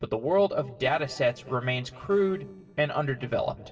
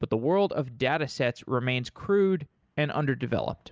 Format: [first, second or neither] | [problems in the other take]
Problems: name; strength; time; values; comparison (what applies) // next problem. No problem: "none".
second | noise reduction (neural separator model SepFormer DNS4)